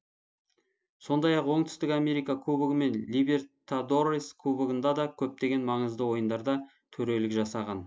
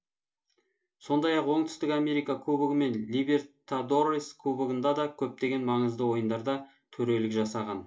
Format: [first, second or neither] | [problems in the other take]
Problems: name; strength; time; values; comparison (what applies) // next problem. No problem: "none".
first | room echo; dies away in 0.2 s